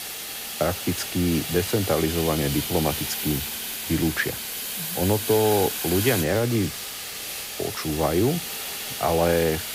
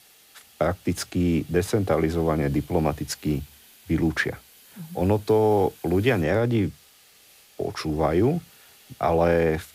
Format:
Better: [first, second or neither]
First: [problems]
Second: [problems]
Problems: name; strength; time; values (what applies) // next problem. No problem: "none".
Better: second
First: hiss; loud; throughout; 4 dB below the speech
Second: hiss; faint; throughout; 25 dB below the speech